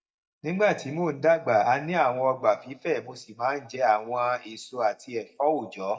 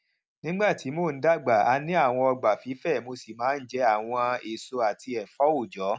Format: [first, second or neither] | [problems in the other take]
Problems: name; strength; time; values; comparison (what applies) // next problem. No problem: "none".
second | noise reduction (neural mask model DeepFilterNet 3)